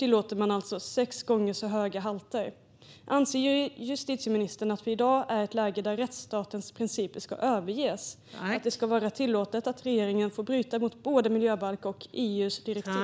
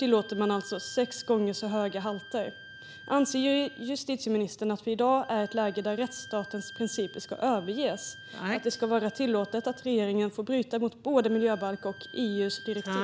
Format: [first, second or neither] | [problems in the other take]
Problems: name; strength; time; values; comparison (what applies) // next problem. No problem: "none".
first | background sound (Wind instrument, woodwind instrument); 19 dB below the speech